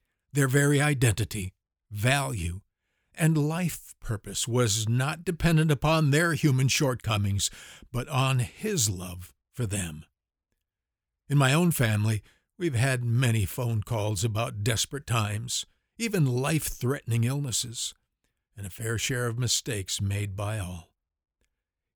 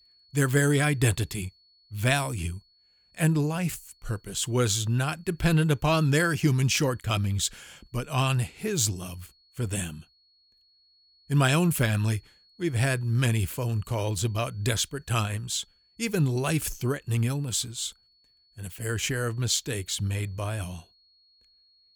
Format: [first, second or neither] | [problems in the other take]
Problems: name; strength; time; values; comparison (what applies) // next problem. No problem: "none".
first | high-pitched whine; faint; throughout; 4.5 kHz, 35 dB below the speech